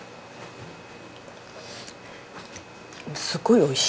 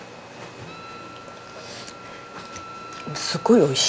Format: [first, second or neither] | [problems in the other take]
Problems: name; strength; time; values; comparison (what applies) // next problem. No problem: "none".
first | background sound (Wind instrument, woodwind instrument); 17 dB below the speech